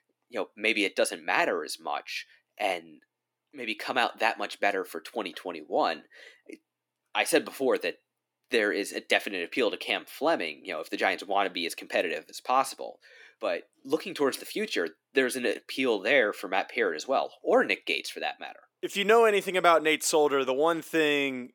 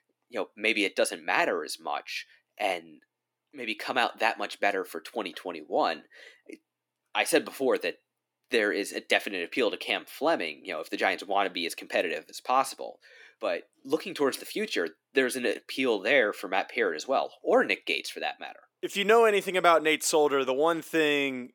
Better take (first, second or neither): neither